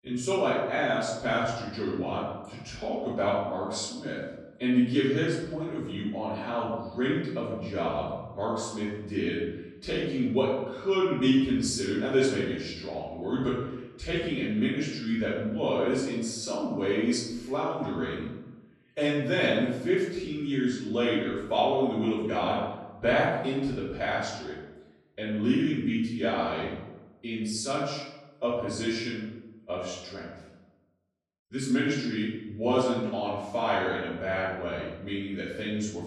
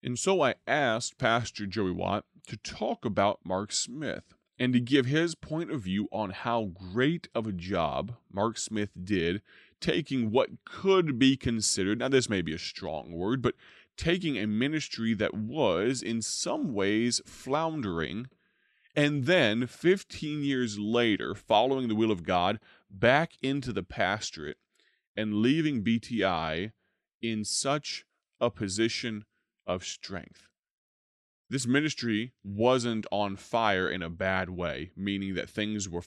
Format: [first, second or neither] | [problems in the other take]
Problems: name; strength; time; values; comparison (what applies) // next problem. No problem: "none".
second | off-mic speech; far // room echo; noticeable; dies away in 0.9 s